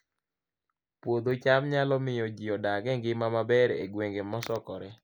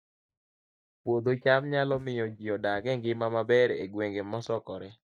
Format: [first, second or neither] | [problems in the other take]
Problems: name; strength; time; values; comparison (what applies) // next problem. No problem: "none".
first | noise reduction (neural mask model DeepFilterNet 3)